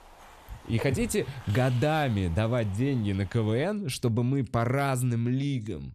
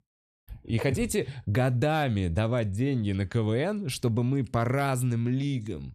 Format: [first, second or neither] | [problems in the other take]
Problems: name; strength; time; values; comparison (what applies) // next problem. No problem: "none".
second | hiss; faint; until 3.5 s; 20 dB below the speech